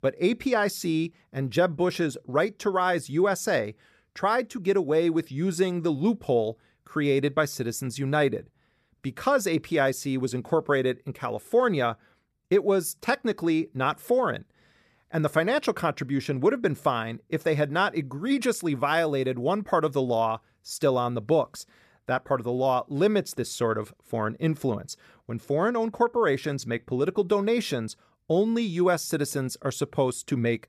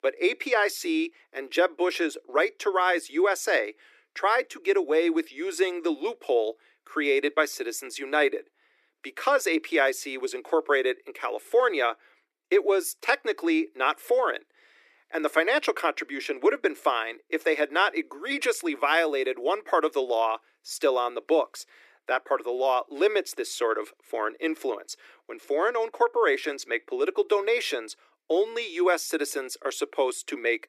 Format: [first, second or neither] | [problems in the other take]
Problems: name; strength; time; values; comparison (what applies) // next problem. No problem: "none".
first | thin; very; fading below 300 Hz